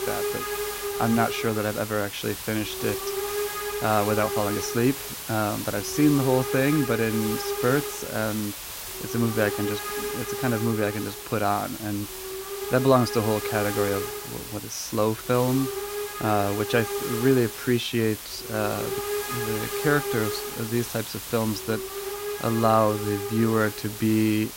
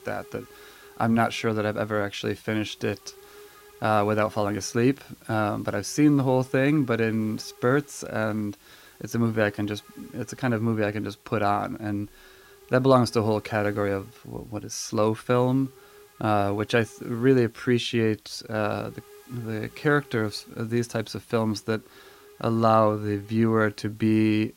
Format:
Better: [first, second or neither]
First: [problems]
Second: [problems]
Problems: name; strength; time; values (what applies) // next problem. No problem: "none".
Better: second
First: hiss; loud; throughout; 5 dB below the speech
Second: hiss; faint; throughout; 25 dB below the speech